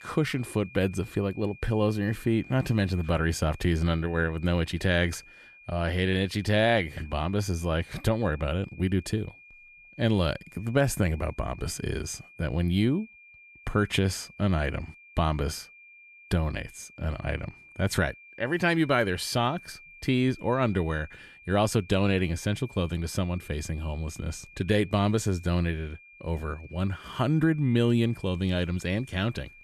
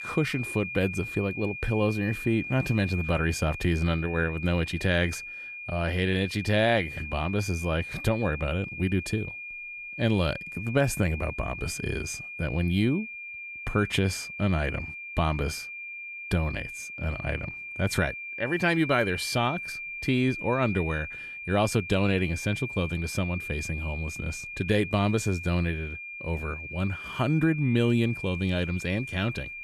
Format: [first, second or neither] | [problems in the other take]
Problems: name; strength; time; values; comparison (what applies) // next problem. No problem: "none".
first | high-pitched whine; loud; throughout; 2.5 kHz, 8 dB below the speech; faint in the first